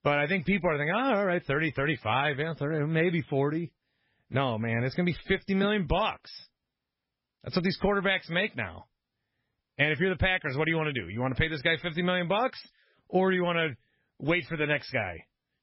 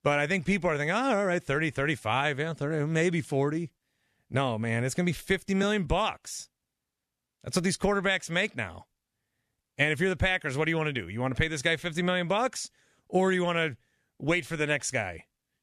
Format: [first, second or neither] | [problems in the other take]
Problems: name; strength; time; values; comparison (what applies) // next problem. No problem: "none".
second | garbled, watery; badly; nothing above 5.5 kHz